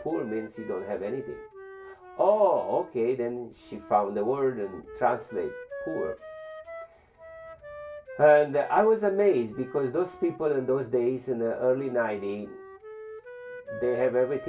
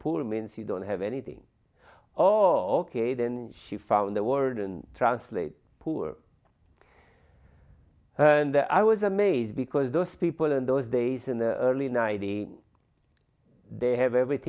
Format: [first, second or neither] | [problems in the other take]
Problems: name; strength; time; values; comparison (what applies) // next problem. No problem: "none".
second | background sound (Wind instrument, woodwind instrument); 15 dB below the speech // room echo; dies away in 0.2 s